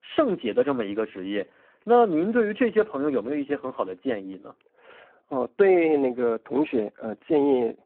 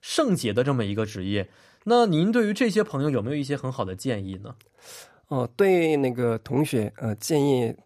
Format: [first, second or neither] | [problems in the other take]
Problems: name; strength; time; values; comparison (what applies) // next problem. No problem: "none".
second | phone-call audio; poor line; nothing above 8.5 kHz